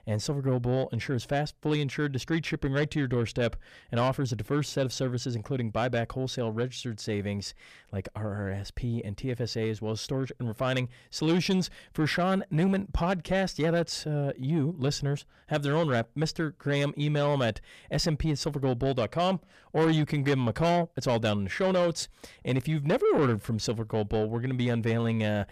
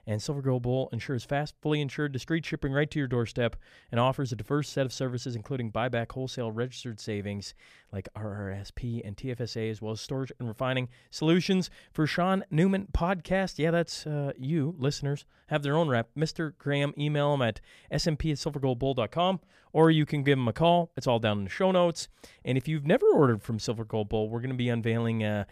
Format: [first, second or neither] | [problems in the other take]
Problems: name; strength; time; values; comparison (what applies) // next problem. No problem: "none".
second | distortion; slight; 10 dB below the speech